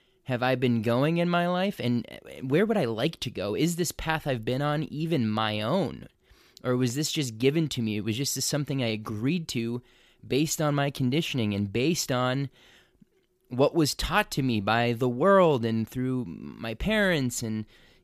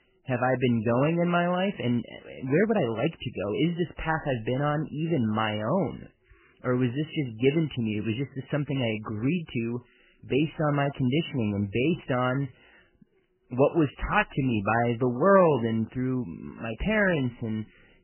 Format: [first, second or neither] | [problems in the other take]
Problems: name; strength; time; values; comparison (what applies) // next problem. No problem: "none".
first | garbled, watery; badly; nothing above 3 kHz